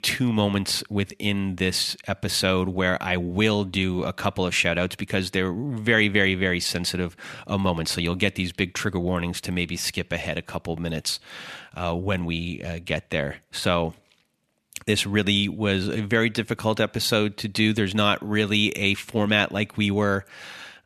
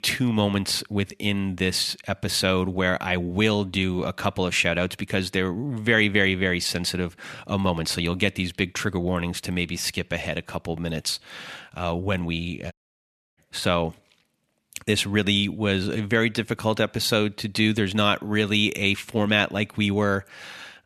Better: first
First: none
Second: audio cutting out; at 13 s for 0.5 s

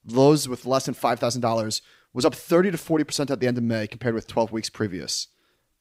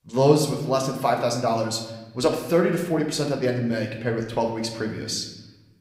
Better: first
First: none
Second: room echo; slight; dies away in 1 s

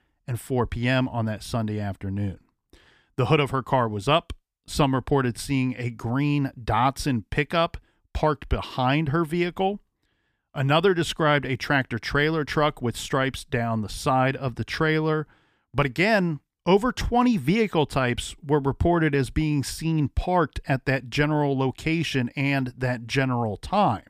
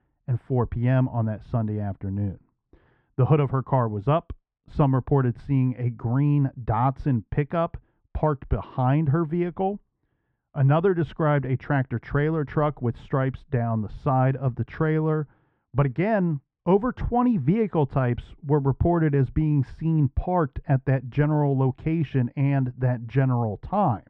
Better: first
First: none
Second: muffled; very; fading above 1 kHz

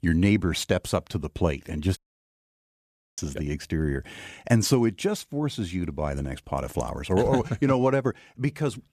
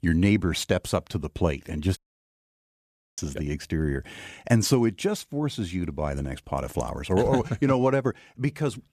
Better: neither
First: audio cutting out; at 2 s for 1 s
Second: audio cutting out; at 2 s for 1 s

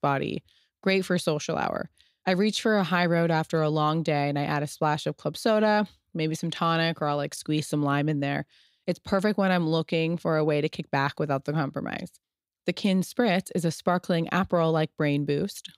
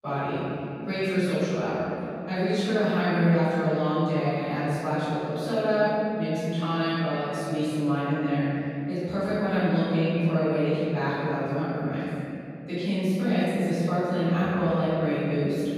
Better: first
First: none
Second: room echo; strong; dies away in 2.8 s // off-mic speech; far

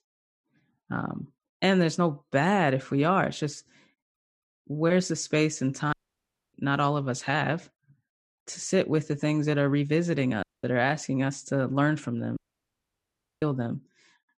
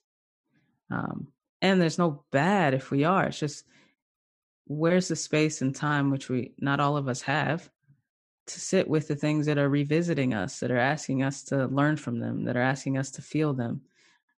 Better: second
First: audio cutting out; at 6 s for 0.5 s, at 10 s and at 12 s for 1 s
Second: none

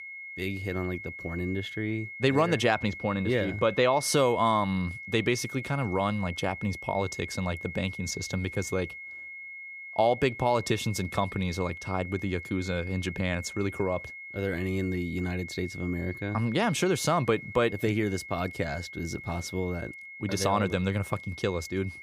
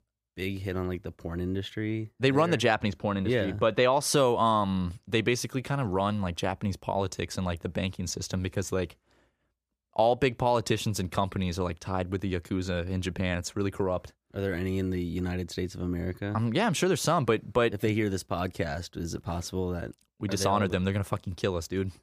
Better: second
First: high-pitched whine; noticeable; throughout; 2 kHz, 10 dB below the speech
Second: none

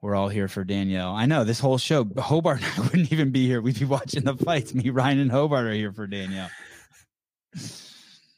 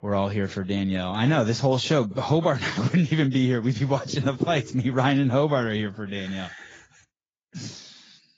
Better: first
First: none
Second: garbled, watery; badly; nothing above 7.5 kHz

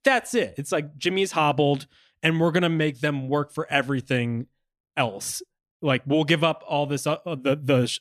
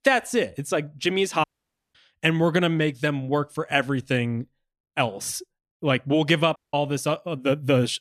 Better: first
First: none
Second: audio cutting out; at 1.5 s for 0.5 s and at 6.5 s

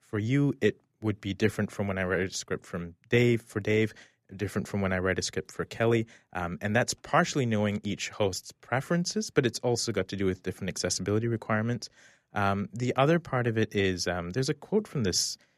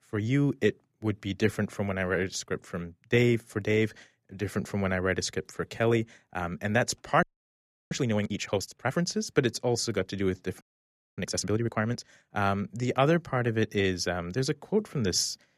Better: first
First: none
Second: audio freezing; at 7 s for 0.5 s and at 11 s for 0.5 s

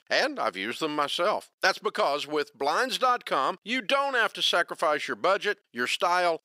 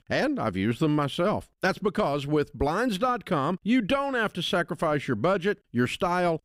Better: second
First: thin; somewhat; fading below 600 Hz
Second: none

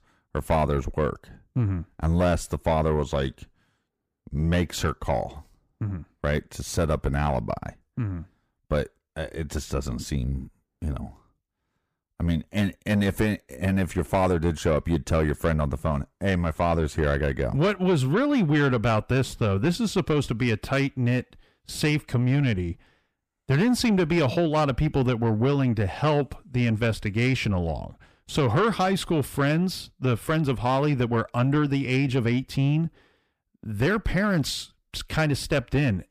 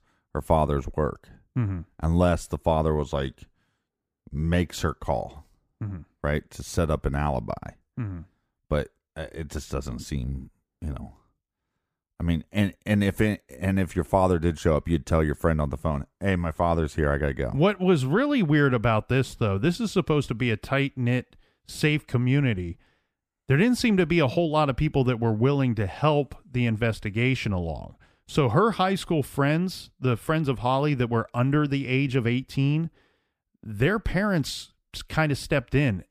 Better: second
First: distortion; slight; 10 dB below the speech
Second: none

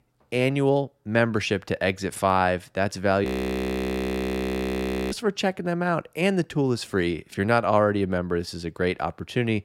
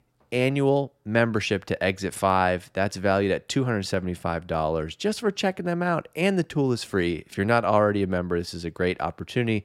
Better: second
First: audio freezing; at 3.5 s for 2 s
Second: none

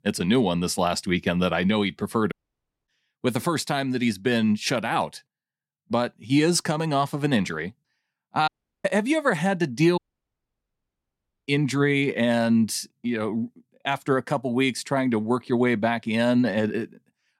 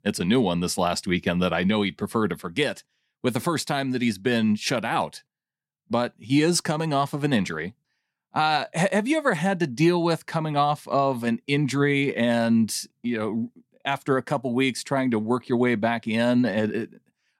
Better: second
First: audio cutting out; at 2.5 s for 0.5 s, at 8.5 s and at 10 s for 1.5 s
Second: none

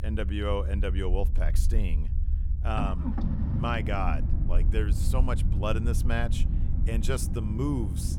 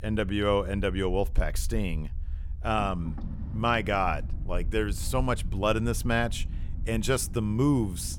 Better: second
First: low rumble; loud; throughout; 9 dB below the speech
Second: low rumble; faint; throughout; 20 dB below the speech

